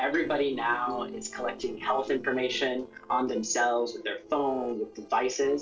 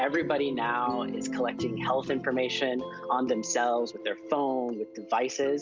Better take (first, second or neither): second